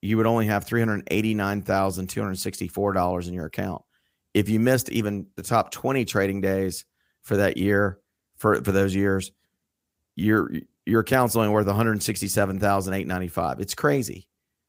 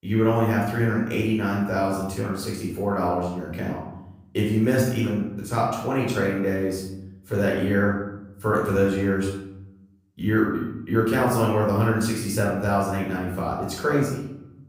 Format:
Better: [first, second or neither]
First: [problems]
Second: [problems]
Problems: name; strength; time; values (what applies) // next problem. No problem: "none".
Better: first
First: none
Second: off-mic speech; far // room echo; noticeable; dies away in 0.8 s